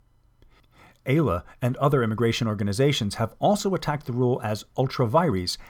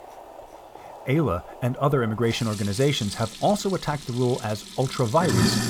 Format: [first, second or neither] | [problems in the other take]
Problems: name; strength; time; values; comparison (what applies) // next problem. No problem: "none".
first | household noises; loud; throughout; 9 dB below the speech